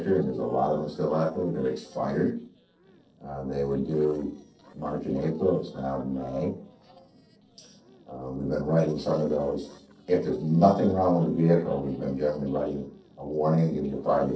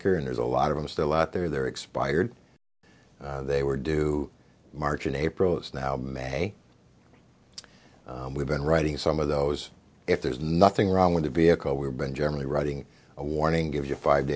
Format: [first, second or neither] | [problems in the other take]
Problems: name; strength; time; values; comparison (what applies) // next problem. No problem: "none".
second | noise reduction (neural separator model SepFormer DNS4)